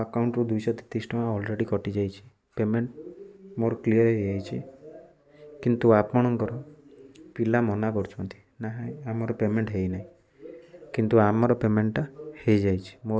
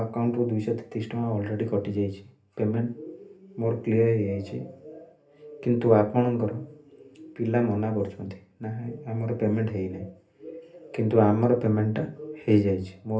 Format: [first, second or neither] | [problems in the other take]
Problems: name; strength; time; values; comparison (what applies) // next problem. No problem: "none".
first | room echo; dies away in 0.3 s